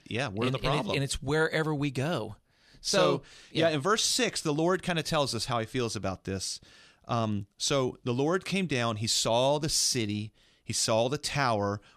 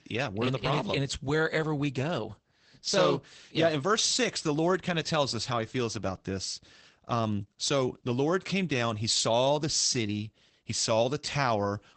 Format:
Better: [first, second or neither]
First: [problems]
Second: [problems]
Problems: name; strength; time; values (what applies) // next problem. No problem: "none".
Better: first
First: none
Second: garbled, watery; badly; nothing above 8 kHz